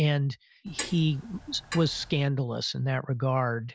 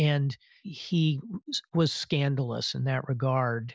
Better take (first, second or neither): second